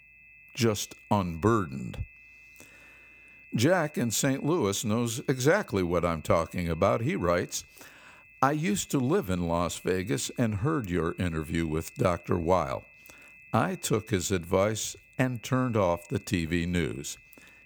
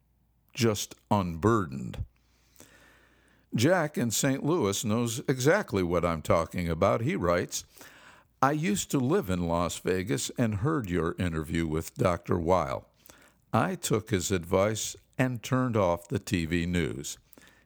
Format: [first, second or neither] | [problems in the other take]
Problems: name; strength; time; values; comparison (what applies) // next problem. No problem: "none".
second | high-pitched whine; faint; throughout; 2.5 kHz, 25 dB below the speech